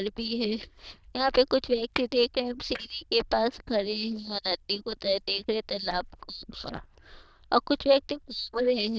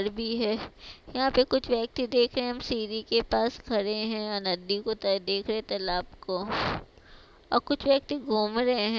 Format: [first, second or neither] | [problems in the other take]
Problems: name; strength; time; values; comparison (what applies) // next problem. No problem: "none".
second | noise reduction (neural diffusion model UNIVERSE++)